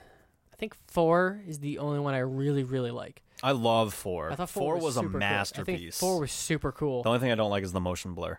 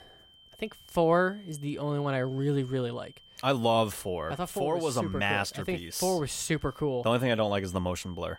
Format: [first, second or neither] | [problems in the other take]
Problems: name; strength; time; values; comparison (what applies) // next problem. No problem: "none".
first | high-pitched whine; faint; throughout; 3 kHz, 25 dB below the speech